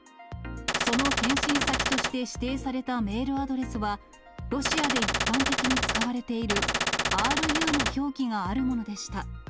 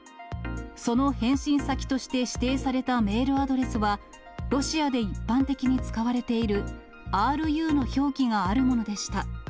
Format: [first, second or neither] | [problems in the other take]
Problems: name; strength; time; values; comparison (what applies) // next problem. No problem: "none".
second | background sound (Gunshot, gunfire); 3 dB above the speech